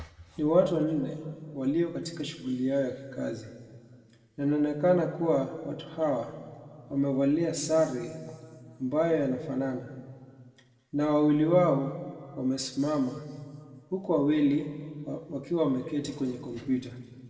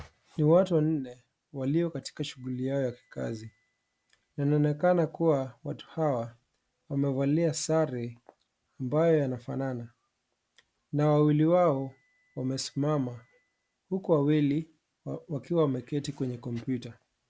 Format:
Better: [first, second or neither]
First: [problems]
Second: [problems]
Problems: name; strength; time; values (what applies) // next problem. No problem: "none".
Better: second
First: room echo; dies away in 1.9 s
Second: none